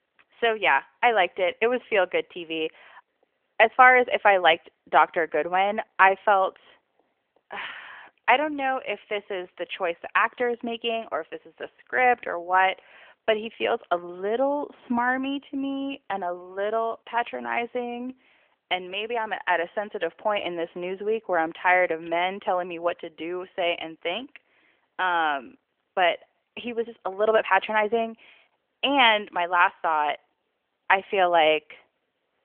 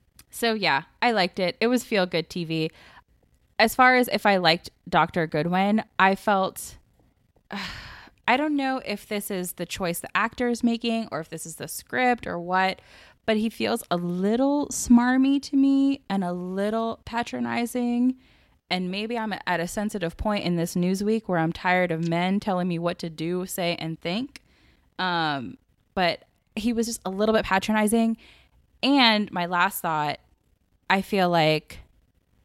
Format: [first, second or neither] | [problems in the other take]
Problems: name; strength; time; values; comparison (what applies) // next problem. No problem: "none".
second | phone-call audio; nothing above 3.5 kHz